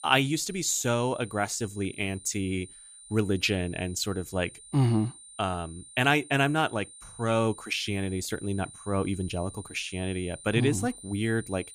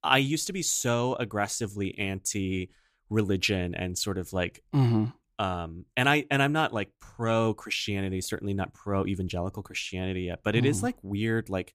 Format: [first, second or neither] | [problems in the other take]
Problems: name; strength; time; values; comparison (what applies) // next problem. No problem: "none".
second | high-pitched whine; noticeable; throughout; 9 kHz, 15 dB below the speech